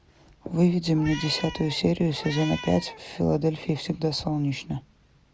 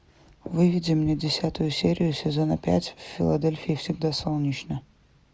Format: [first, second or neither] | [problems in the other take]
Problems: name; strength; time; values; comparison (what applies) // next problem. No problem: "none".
second | background sound (Meow); 13 dB below the speech